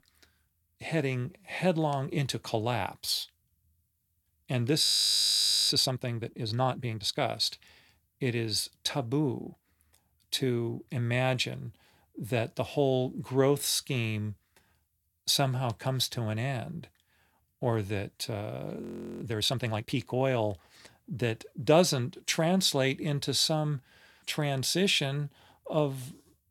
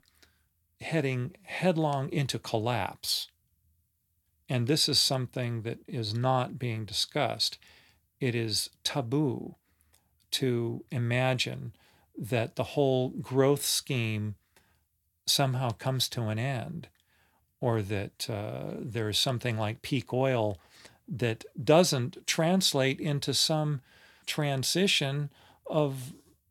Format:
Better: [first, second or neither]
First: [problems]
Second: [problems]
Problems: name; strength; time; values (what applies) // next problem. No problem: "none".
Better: second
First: audio freezing; at 5 s for 1 s and at 19 s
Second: none